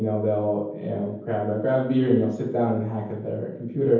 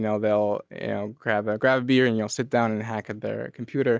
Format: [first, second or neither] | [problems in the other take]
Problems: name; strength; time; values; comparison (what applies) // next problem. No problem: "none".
second | room echo; dies away in 0.9 s